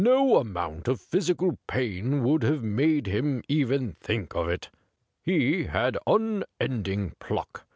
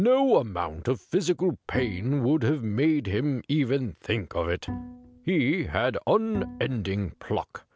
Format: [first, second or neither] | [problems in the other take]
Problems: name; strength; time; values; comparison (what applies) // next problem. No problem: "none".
first | background sound (Bowed string instrument); 13 dB below the speech